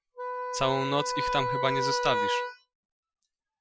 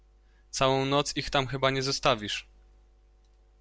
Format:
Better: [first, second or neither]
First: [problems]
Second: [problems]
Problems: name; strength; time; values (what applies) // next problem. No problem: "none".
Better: second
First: noise reduction (classical method Wiener filter)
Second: none